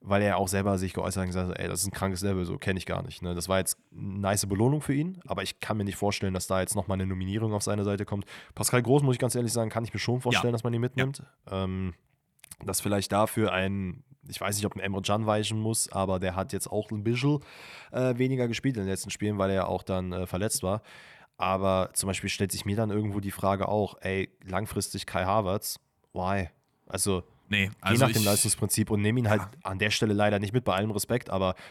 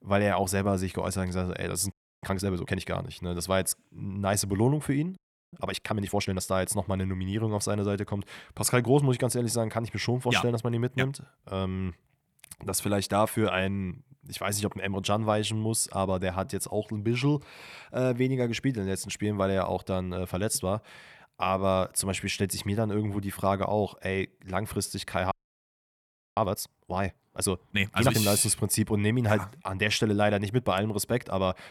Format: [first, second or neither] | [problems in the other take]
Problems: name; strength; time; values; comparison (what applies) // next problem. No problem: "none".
first | audio freezing; at 2 s, at 5 s and at 25 s for 1 s